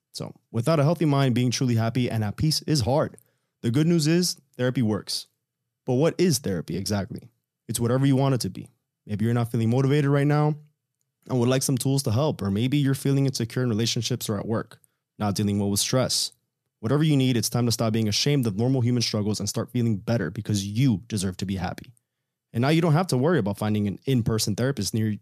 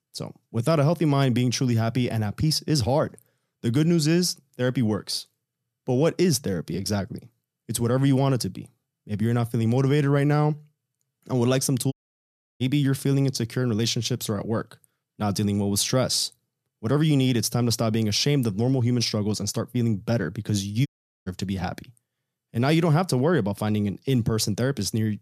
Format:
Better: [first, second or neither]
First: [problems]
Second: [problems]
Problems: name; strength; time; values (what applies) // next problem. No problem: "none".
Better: first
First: none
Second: audio cutting out; at 12 s for 0.5 s and at 21 s